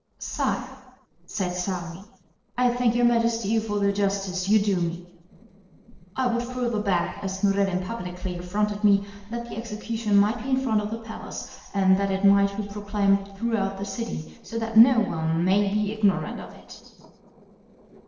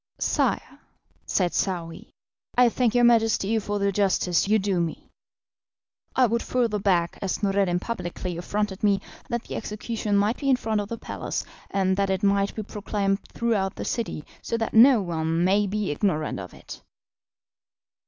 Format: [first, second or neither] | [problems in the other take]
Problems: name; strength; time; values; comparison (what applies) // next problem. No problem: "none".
second | noise reduction (neural separator model SepFormer DNS4)